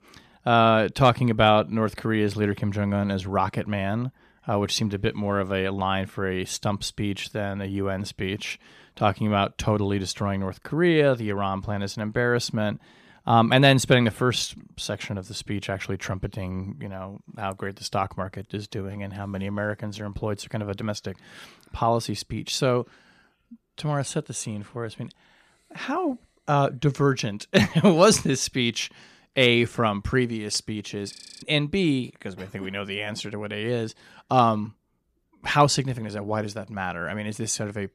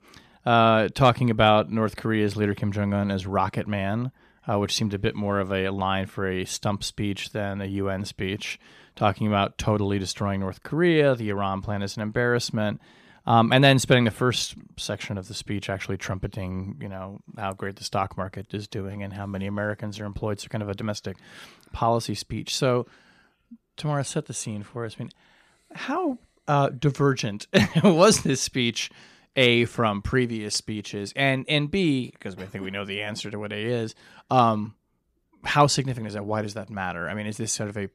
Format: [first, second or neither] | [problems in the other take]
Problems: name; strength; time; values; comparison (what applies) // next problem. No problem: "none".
second | audio freezing; at 31 s